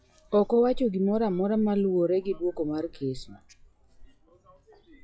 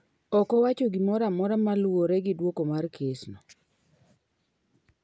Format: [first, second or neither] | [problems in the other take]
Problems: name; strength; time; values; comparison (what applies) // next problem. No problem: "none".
second | noise reduction (classical method log-MMSE)